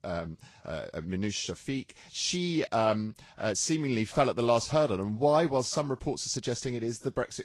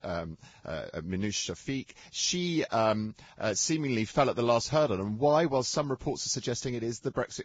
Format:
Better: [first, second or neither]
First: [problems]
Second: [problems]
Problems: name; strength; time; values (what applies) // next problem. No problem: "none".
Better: first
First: garbled, watery; slightly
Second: garbled, watery; badly